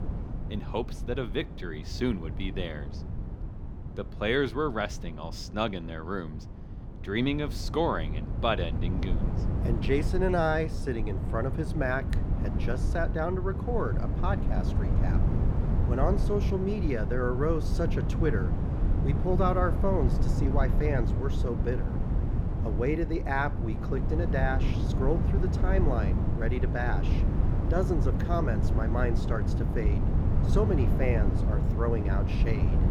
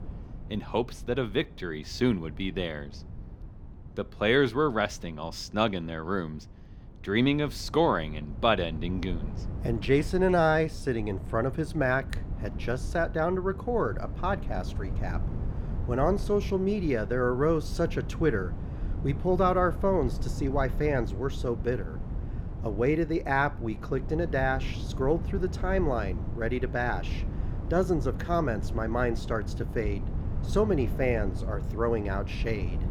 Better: second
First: wind noise on the microphone; heavy; 8 dB below the speech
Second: wind noise on the microphone; occasional gusts; 20 dB below the speech

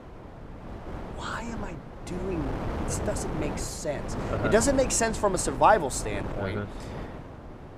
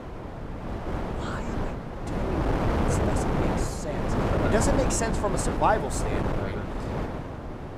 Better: first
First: wind noise on the microphone; occasional gusts; 10 dB below the speech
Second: wind noise on the microphone; heavy; 1 dB below the speech

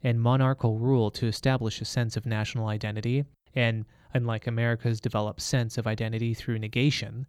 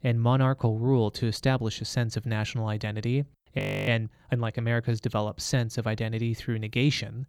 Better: first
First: none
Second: audio freezing; at 3.5 s

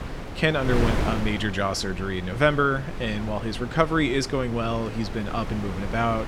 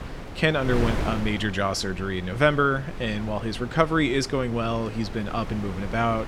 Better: second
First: wind noise on the microphone; heavy; 10 dB below the speech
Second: wind noise on the microphone; occasional gusts; 10 dB below the speech

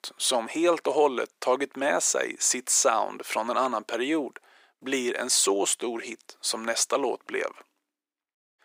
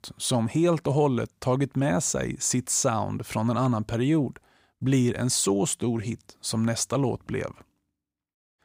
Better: second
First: thin; very; fading below 350 Hz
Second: none

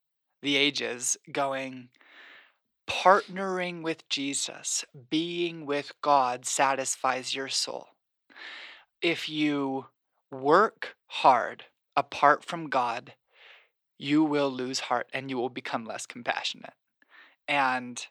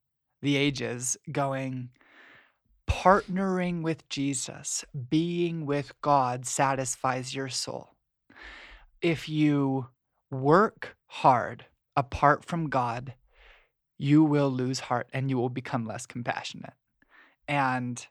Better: second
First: thin; very slightly; fading below 300 Hz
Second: none

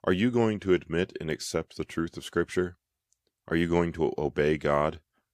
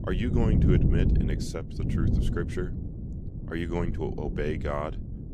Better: first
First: none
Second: wind noise on the microphone; heavy; 4 dB below the speech

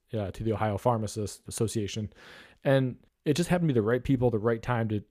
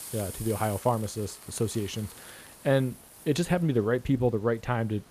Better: first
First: none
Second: hiss; noticeable; throughout; 15 dB below the speech

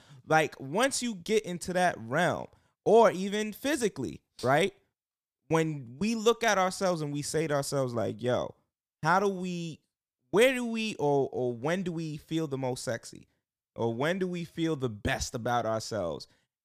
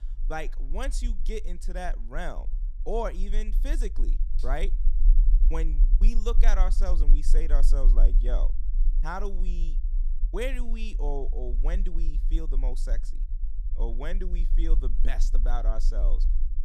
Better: first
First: none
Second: low rumble; noticeable; throughout; 15 dB below the speech

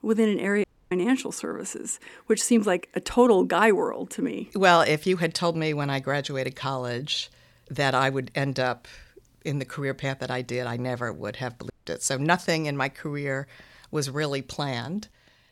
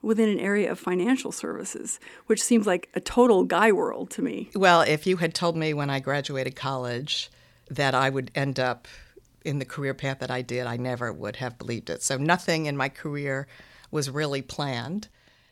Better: second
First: audio cutting out; at 0.5 s and at 12 s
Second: none

